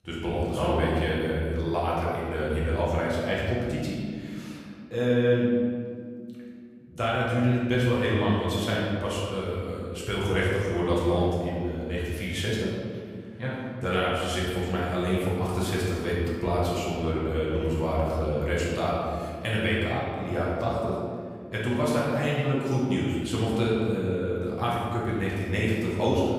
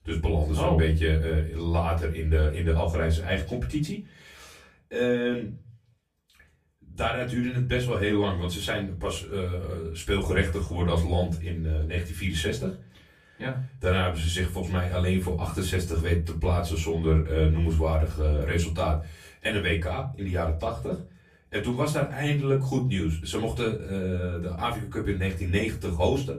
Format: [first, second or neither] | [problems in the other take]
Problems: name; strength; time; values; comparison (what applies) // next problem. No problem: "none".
second | room echo; strong; dies away in 2.2 s; slight in the second // off-mic speech; far; far in the second